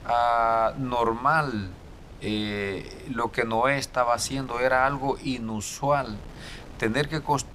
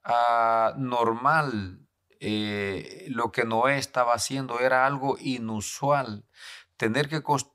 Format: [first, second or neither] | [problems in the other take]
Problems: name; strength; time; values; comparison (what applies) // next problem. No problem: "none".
second | wind noise on the microphone; occasional gusts; 25 dB below the speech